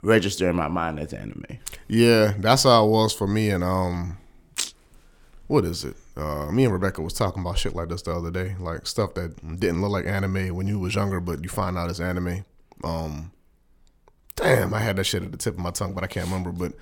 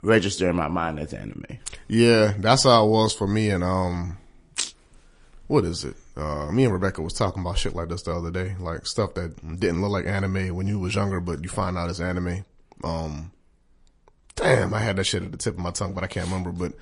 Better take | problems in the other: first | garbled, watery; slightly; nothing above 10.5 kHz

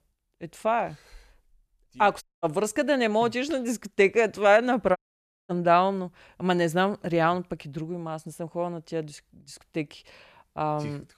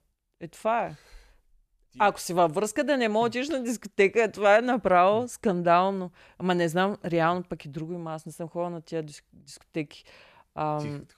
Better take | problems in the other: second | audio cutting out; at 2 s and at 5 s for 0.5 s

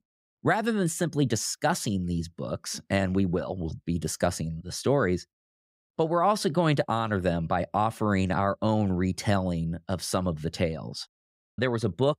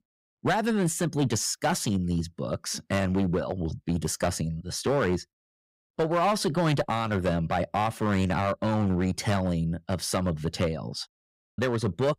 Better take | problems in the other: first | distortion; slight; 7% of the sound clipped

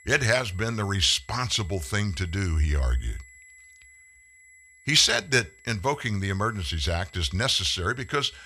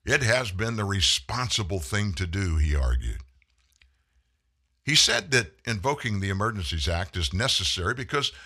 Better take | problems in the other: second | high-pitched whine; faint; throughout; 2 kHz, 25 dB below the speech

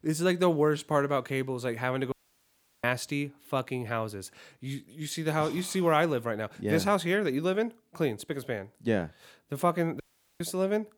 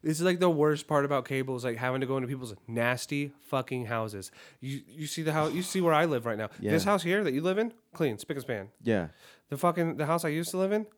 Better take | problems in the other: second | audio cutting out; at 2 s for 0.5 s and at 10 s

